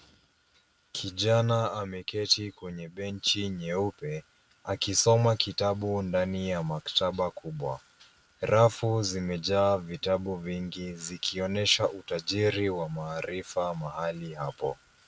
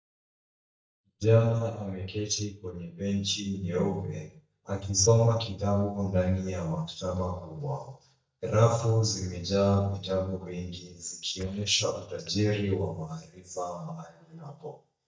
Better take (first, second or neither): first